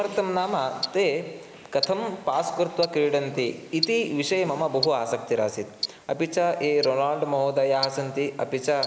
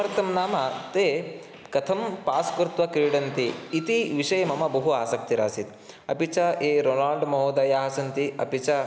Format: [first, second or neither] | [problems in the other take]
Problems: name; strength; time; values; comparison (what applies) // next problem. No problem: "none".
second | noise reduction (neural mask model Resemble Enhance denoiser)